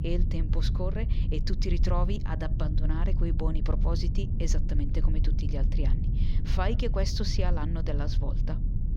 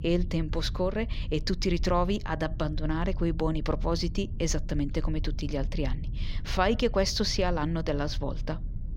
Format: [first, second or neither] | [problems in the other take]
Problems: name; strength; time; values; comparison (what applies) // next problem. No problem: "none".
second | low rumble; loud; throughout; 8 dB below the speech; faint in the second